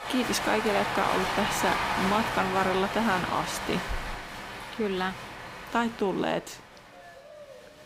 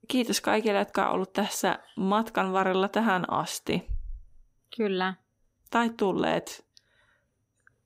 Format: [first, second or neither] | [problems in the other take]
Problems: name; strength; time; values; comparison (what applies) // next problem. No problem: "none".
second | crowd noise; loud; throughout; 2 dB below the speech